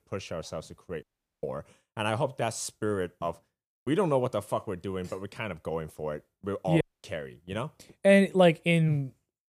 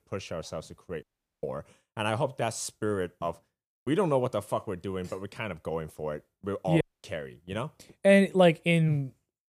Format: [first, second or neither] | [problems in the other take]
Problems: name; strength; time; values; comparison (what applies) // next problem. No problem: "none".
neither | audio cutting out; at 1 s and at 7 s; the same in both